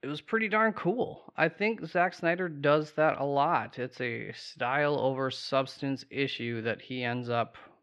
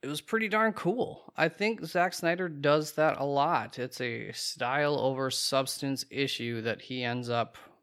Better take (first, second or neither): second